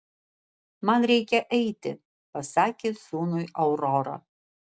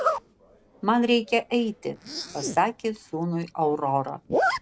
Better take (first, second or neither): first